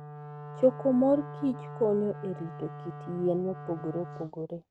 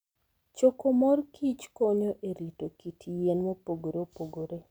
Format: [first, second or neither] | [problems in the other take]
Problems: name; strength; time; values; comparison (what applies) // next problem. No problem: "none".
second | noise reduction (neural mask model RNNoise)